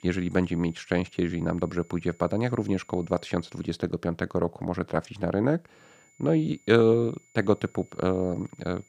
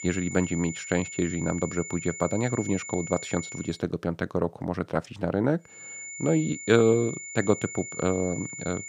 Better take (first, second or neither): first